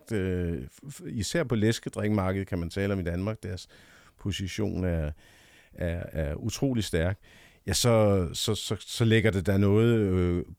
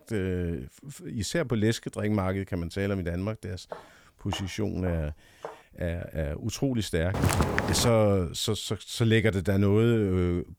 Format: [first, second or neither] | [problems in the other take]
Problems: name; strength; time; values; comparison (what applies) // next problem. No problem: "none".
first | footsteps; faint; from 3.5 to 5.5 s; peak 15 dB below the speech // footsteps; loud; at 7 s; peak 3 dB above the speech